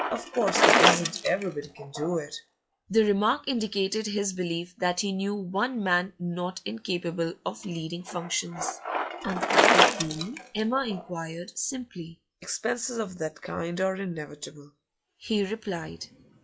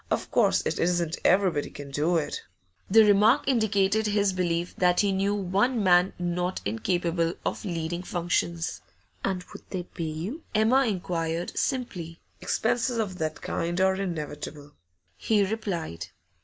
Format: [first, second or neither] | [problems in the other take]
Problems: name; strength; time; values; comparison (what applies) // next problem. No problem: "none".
second | noise reduction (classical method log-MMSE)